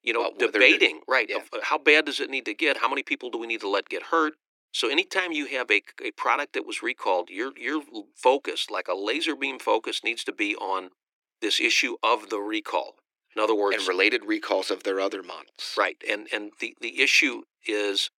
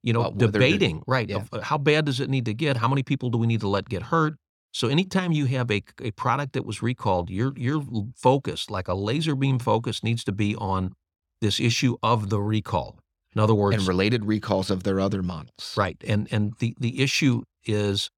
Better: second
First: thin; very; fading below 300 Hz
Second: none

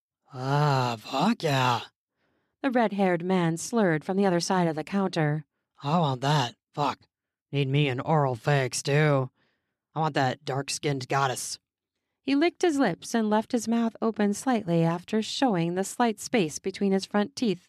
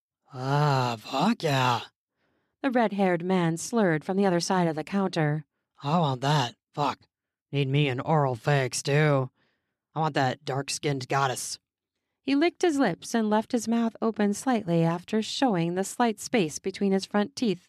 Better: neither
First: none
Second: none

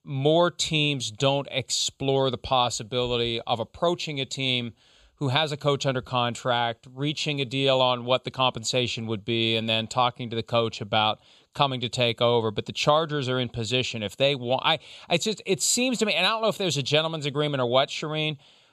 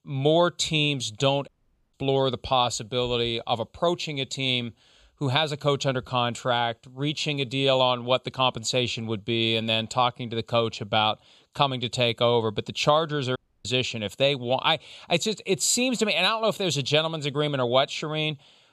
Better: first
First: none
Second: audio cutting out; at 1.5 s and at 13 s

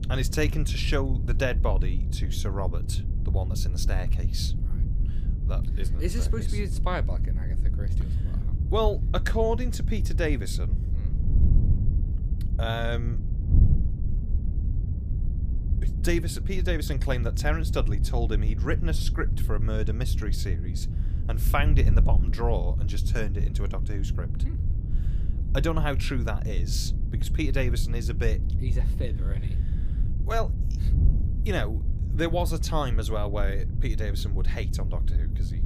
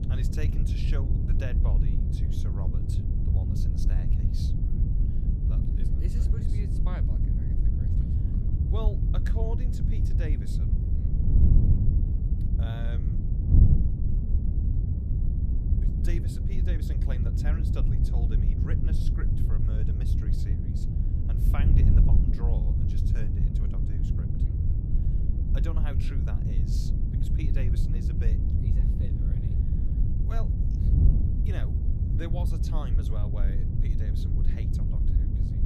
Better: first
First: wind noise on the microphone; occasional gusts; 10 dB below the speech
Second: wind noise on the microphone; heavy; 3 dB above the speech

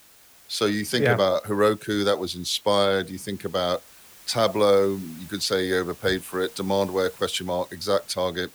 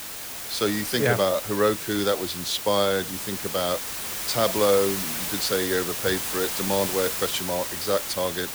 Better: first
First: hiss; faint; throughout; 20 dB below the speech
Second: hiss; loud; throughout; 3 dB below the speech

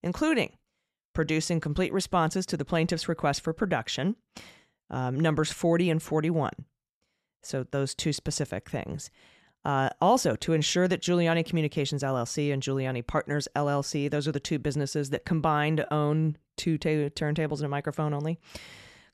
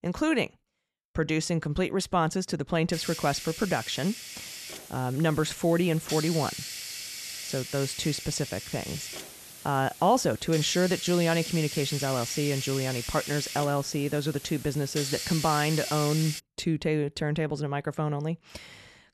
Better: first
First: none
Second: hiss; loud; from 3 to 16 s; 8 dB below the speech

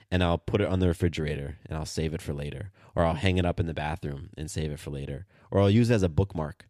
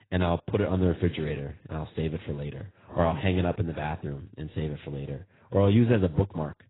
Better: first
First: none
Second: garbled, watery; badly; nothing above 4 kHz

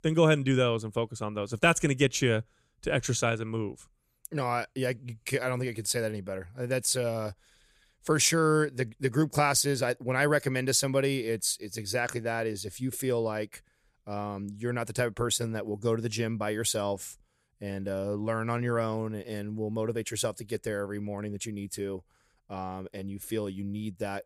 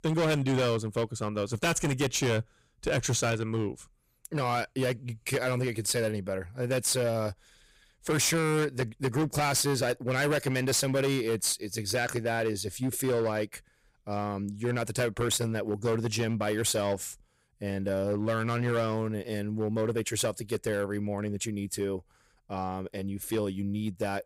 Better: first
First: none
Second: distortion; heavy; 12% of the sound clipped

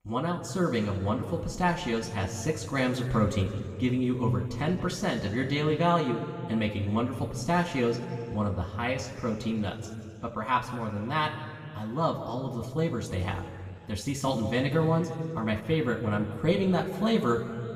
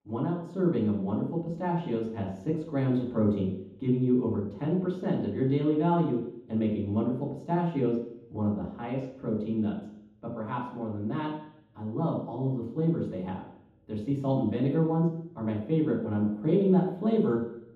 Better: first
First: room echo; slight; dies away in 1.8 s // off-mic speech; somewhat distant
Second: room echo; strong; dies away in 0.9 s // off-mic speech; far

